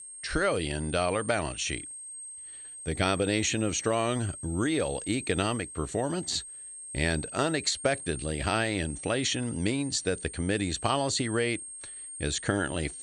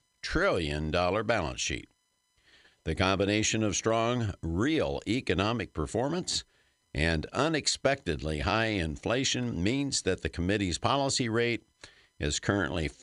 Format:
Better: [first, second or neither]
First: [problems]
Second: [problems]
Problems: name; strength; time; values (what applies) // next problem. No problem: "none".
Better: second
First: high-pitched whine; noticeable; throughout; 8.5 kHz, 10 dB below the speech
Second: none